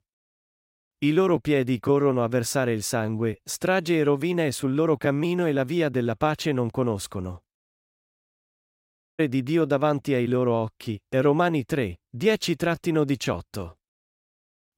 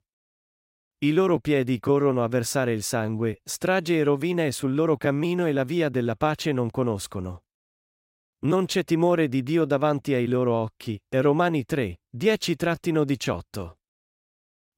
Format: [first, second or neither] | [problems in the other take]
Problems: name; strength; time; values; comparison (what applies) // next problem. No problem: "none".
second | audio cutting out; at 8 s for 1 s